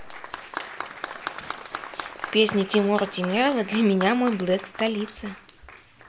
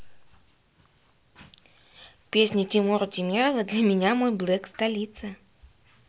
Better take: second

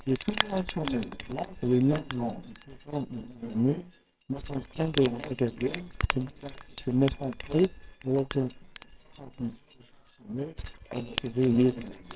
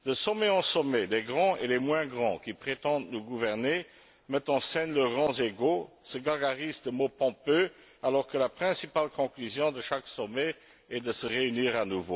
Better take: second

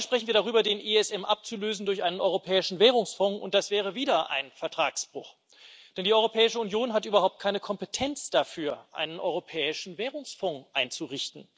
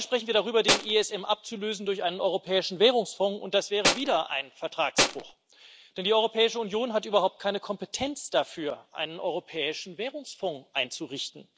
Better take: first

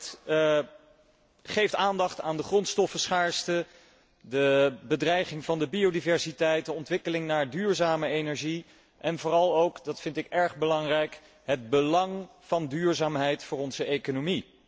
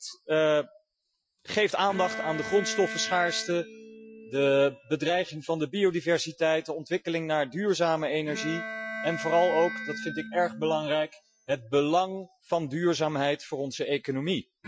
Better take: first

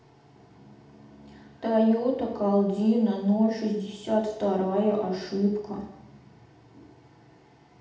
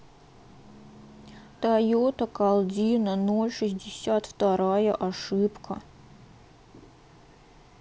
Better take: second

